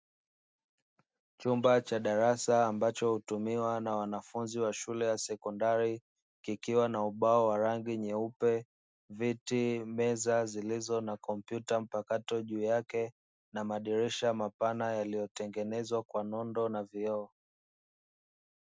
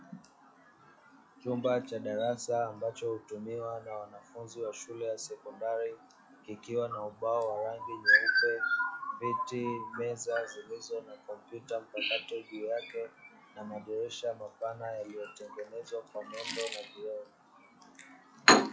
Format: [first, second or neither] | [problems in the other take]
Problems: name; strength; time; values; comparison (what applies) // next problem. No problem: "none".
first | noise reduction (classical method log-MMSE)